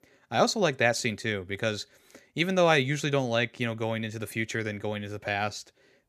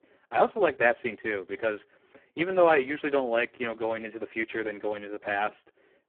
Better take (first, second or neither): first